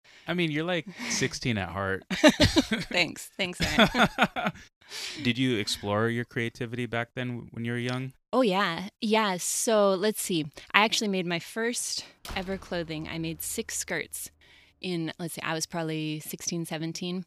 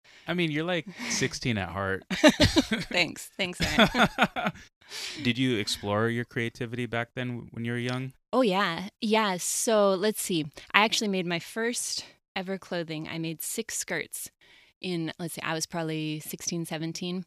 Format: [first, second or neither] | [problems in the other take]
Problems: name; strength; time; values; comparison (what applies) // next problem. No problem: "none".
second | door banging; faint; from 12 to 14 s; peak 15 dB below the speech